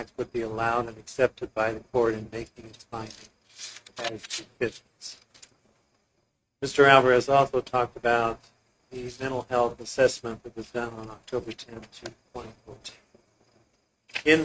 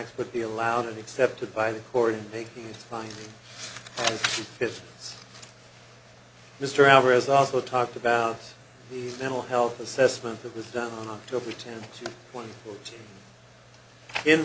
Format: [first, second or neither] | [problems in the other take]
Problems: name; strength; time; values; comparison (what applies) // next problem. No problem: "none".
second | noise reduction (neural mask model RNNoise)